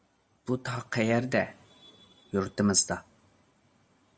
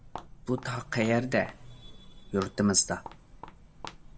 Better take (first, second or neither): first